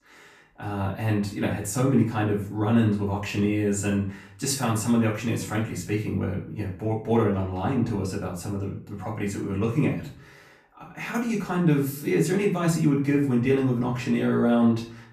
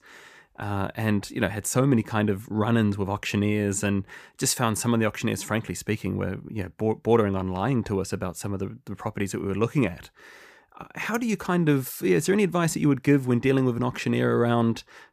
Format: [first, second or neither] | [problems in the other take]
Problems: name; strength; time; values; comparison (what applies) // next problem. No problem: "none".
second | off-mic speech; far // room echo; slight; dies away in 0.4 s